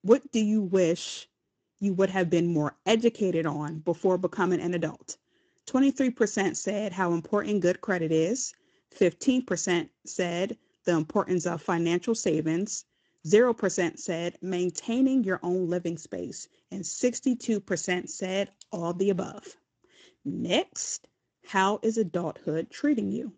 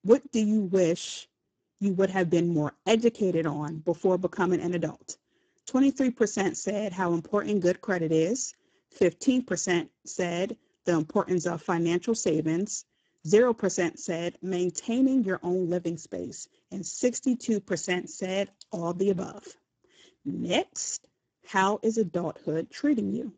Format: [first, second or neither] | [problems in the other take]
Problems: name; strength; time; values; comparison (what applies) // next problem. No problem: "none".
first | garbled, watery; badly; nothing above 7.5 kHz; slightly in the first